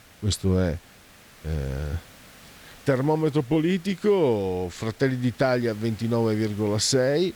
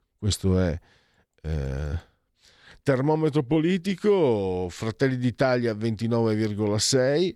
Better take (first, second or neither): second